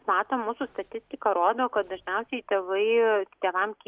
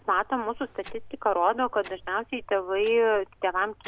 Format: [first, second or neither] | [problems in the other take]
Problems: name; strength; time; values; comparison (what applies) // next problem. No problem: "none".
first | background sound (Clock); 19 dB below the speech